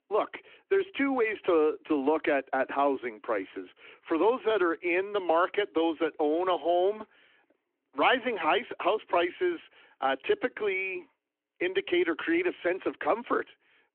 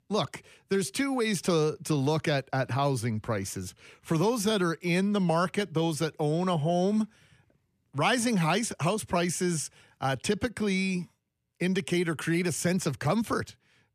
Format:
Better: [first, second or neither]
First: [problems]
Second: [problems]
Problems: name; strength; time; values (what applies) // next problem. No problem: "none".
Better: second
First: phone-call audio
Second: none